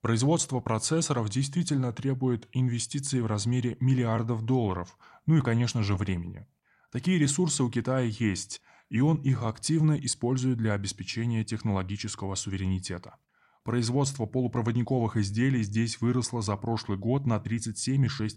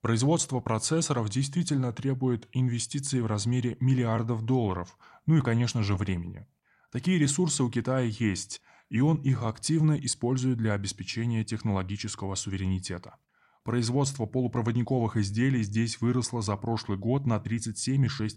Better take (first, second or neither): neither